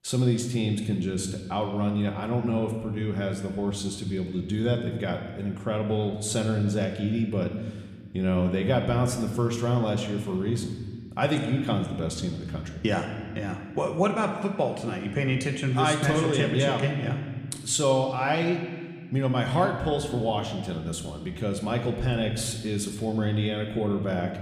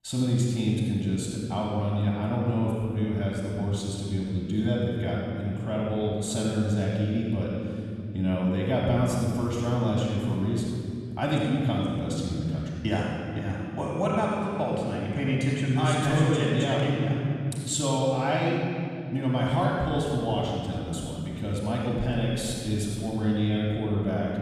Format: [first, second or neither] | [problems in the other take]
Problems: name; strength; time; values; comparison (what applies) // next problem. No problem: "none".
first | room echo; strong; dies away in 3 s; slight in the first // off-mic speech; far